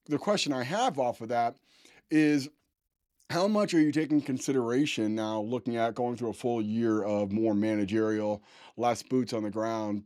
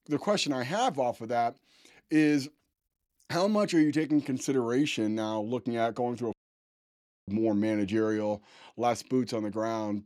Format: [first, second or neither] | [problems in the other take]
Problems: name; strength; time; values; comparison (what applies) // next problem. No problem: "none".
first | audio cutting out; at 6.5 s for 1 s